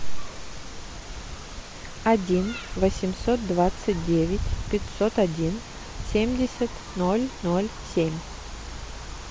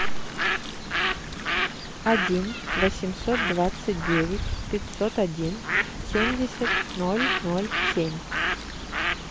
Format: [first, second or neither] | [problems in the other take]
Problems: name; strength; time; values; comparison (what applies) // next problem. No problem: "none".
first | background sound (Bird); 2 dB below the speech